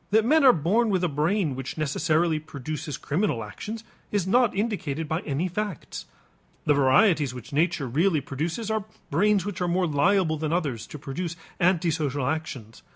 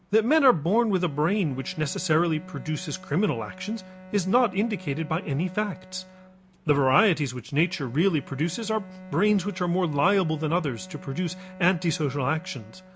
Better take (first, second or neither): first